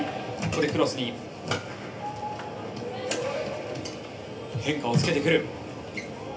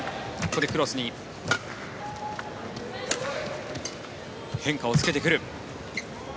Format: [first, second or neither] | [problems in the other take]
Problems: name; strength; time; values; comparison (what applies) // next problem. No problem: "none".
second | room echo; dies away in 0.3 s